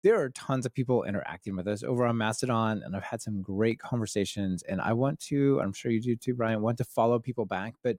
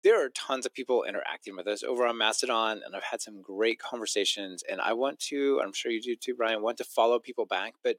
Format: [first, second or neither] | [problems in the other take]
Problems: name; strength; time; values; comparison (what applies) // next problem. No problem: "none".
first | thin; somewhat; fading below 300 Hz